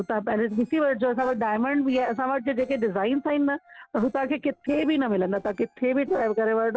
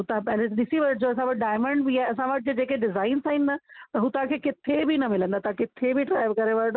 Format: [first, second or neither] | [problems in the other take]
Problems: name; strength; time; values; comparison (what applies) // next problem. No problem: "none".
second | noise reduction (neural separator model SepFormer DNS4)